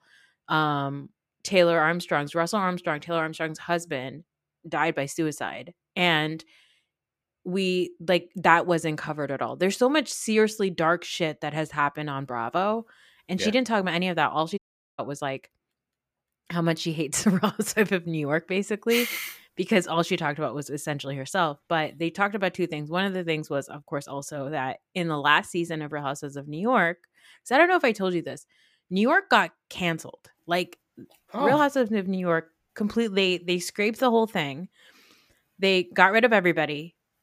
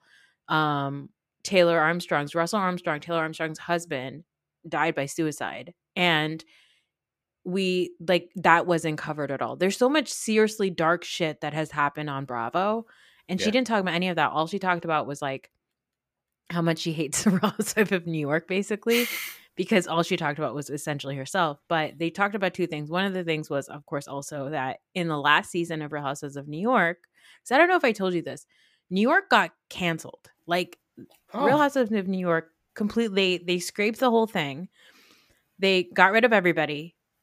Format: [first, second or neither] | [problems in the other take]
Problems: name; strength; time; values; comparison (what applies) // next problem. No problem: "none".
second | audio cutting out; at 15 s